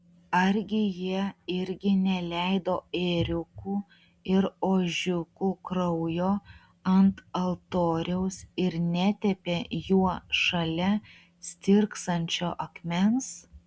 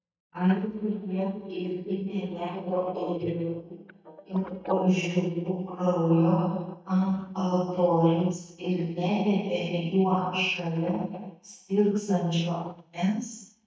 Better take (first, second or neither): first